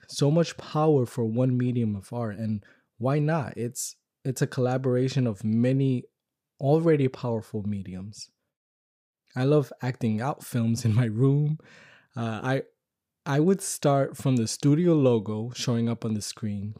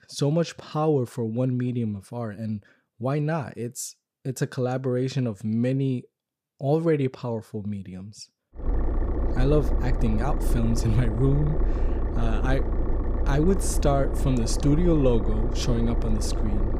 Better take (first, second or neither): first